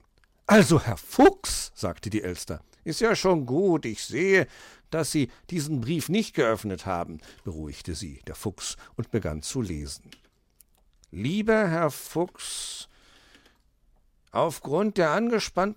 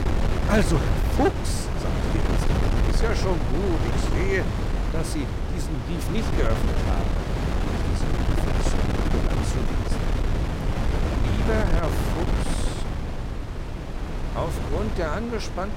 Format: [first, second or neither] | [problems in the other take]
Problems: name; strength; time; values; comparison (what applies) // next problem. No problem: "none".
first | wind noise on the microphone; heavy; 1 dB below the speech